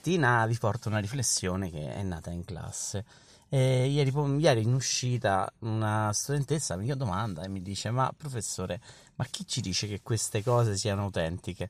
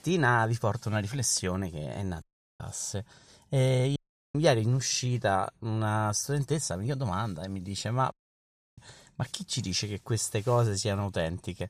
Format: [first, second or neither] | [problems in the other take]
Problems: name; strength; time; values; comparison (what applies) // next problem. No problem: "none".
first | audio cutting out; at 2 s, at 4 s and at 8 s for 0.5 s